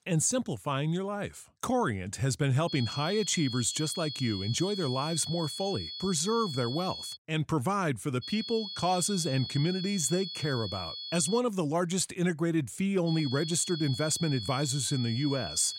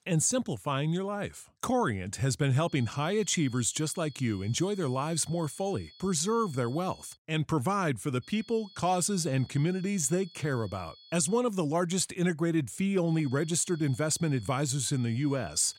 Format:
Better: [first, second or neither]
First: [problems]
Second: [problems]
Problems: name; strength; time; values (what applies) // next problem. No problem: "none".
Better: second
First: high-pitched whine; loud; from 2.5 to 7 s, from 8 to 11 s and from 13 s on; 4.5 kHz, 7 dB below the speech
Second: high-pitched whine; faint; from 2.5 to 7 s, from 8 to 11 s and from 13 s on; 4.5 kHz, 25 dB below the speech